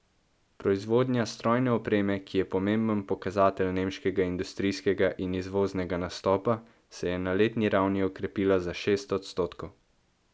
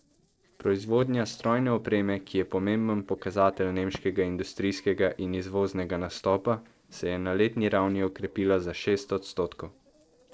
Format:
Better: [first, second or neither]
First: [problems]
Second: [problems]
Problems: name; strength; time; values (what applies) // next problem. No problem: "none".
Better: first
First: none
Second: noise reduction (neural separator model SepFormer DNS4)